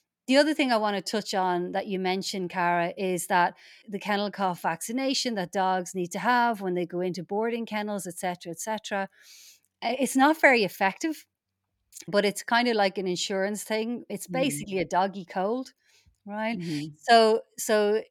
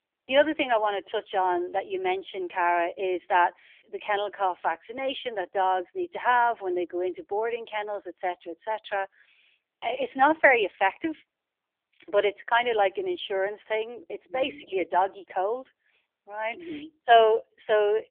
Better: first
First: none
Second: phone-call audio; poor line; nothing above 3.5 kHz

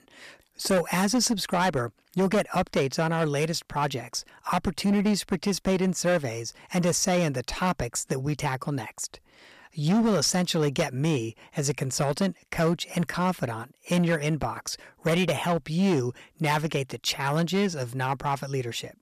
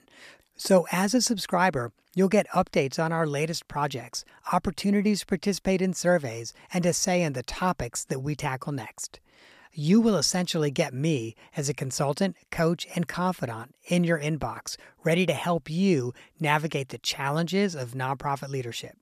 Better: second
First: distortion; slight; 7% of the sound clipped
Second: none

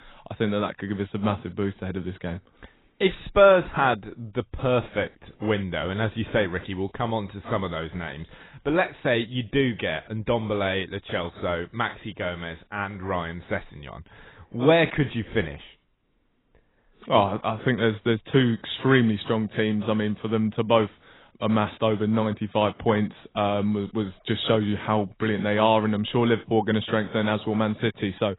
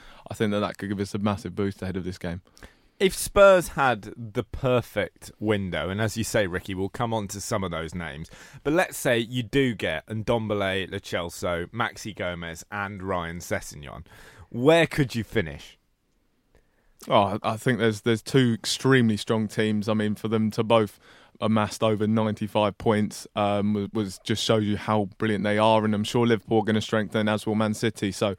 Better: second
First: garbled, watery; badly; nothing above 4 kHz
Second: none

